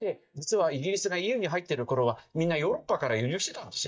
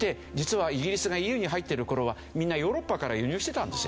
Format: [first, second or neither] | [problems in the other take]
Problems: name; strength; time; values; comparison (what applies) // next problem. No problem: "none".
second | noise reduction (neural mask model DeepFilterNet 3)